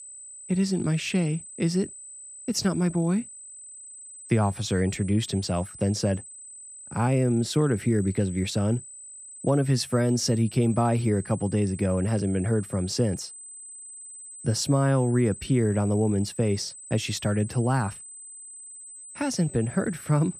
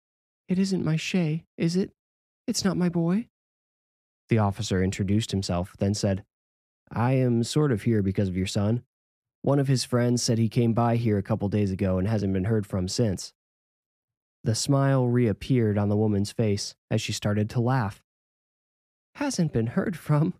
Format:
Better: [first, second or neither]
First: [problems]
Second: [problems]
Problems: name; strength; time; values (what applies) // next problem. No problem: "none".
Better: second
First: high-pitched whine; noticeable; throughout; 8 kHz, 15 dB below the speech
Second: none